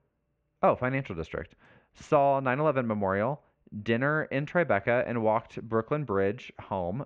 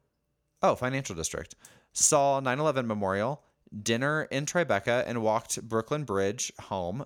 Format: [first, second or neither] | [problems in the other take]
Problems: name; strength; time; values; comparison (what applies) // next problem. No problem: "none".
second | muffled; very; fading above 2.5 kHz